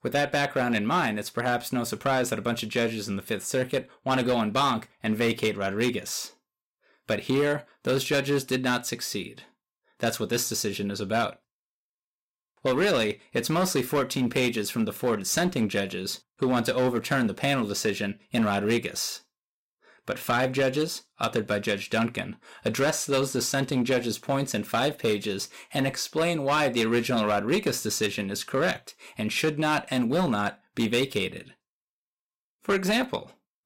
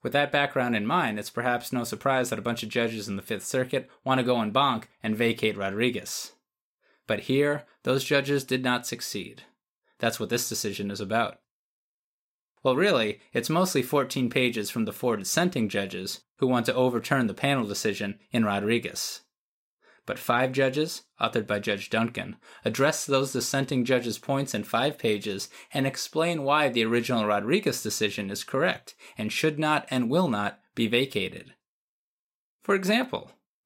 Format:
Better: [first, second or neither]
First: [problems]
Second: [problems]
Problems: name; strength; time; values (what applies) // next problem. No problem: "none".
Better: second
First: distortion; slight; 6% of the sound clipped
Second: none